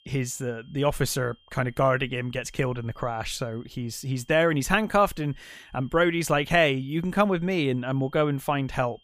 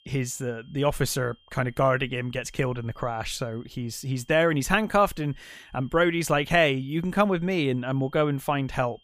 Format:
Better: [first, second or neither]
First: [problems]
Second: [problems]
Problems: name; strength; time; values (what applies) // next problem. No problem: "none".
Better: neither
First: high-pitched whine; faint; throughout; 3 kHz, 35 dB below the speech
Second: high-pitched whine; faint; throughout; 3 kHz, 35 dB below the speech